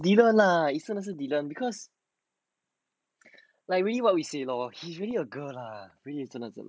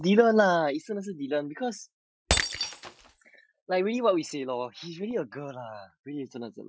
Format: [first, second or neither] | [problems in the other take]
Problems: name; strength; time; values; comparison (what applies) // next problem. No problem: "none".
first | noise reduction (classical method Wiener filter)